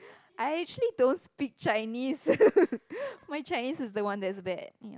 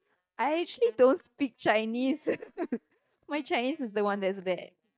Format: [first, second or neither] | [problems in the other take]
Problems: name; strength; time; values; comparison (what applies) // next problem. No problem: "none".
first | noise reduction (neural mask model DeepFilterNet 3)